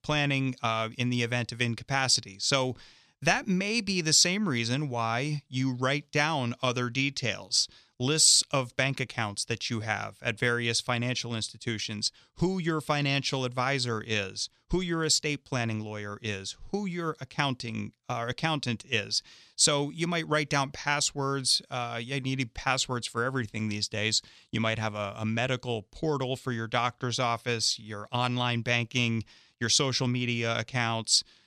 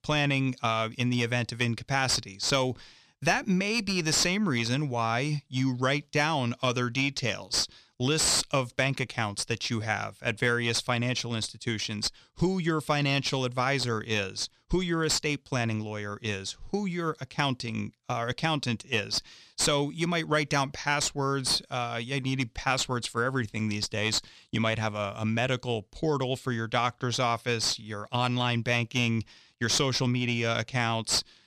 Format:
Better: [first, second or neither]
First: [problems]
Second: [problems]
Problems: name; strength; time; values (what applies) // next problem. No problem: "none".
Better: first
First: none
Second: distortion; slight; 10 dB below the speech